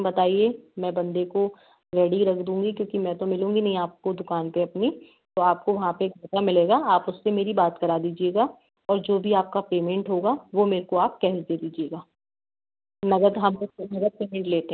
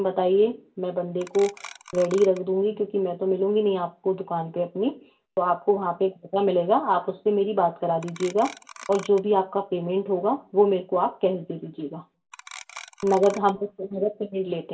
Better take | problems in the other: first | background sound (Clock); 17 dB below the speech // room echo; dies away in 0.2 s

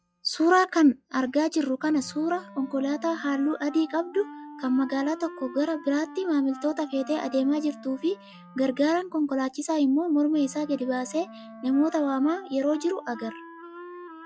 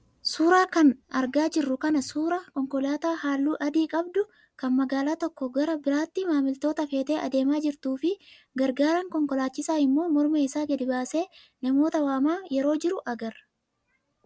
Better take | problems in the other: second | noise reduction (classical method log-MMSE)

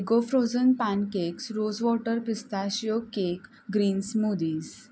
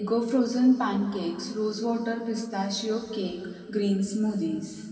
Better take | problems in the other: first | room echo; dies away in 2.5 s

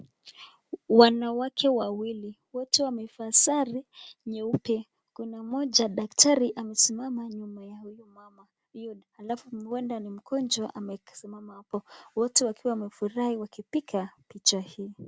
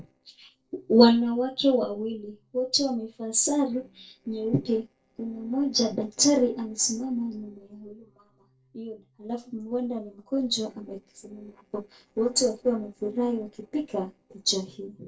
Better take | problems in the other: first | noise reduction (neural separator model SepFormer DNS4)

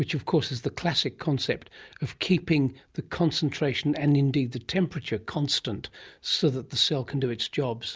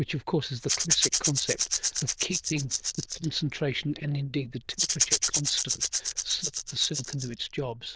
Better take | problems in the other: first | noise reduction (neural diffusion model UNIVERSE++)

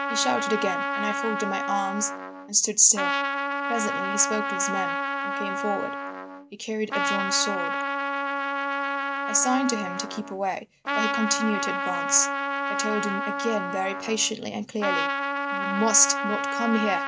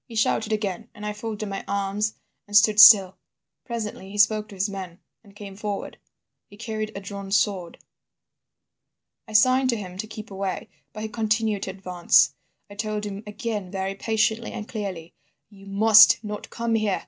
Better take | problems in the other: second | background sound (Trumpet); 1 dB below the speech

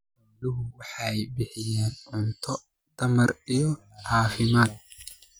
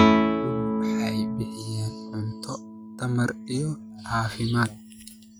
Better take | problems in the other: first | background sound (Guitar); 3 dB above the speech

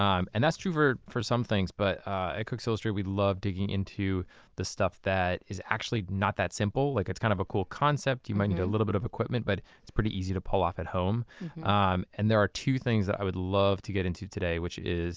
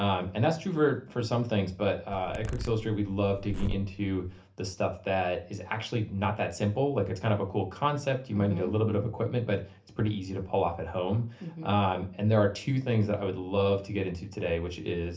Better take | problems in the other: first | background sound (Zipper (clothing)); 8 dB below the speech // room echo; dies away in 0.3 s

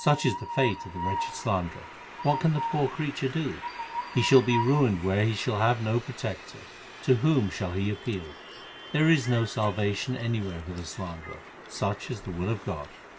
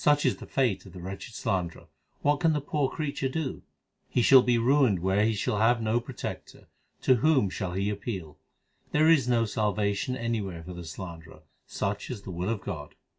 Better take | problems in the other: second | background sound (Train); 11 dB below the speech

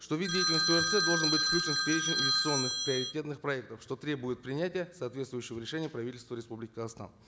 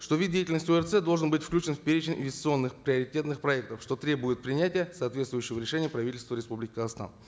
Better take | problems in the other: second | background sound (Telephone); 5 dB above the speech

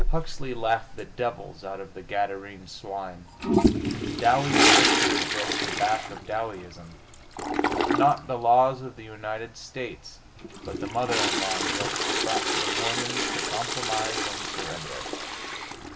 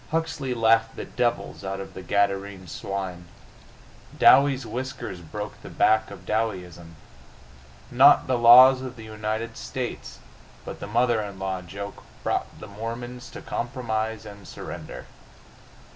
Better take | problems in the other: second | background sound (Toilet flush); 3 dB above the speech

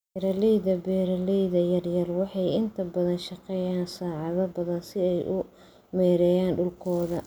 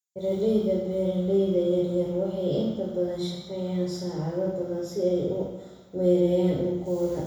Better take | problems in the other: first | room echo; dies away in 1 s

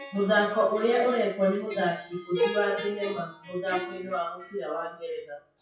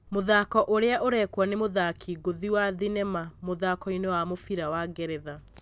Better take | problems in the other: second | noise reduction (classical method WPE with log-MMSE)

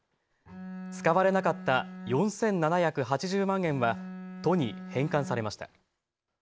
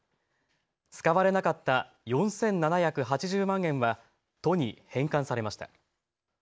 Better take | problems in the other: second | background sound (Bowed string instrument); 12 dB below the speech

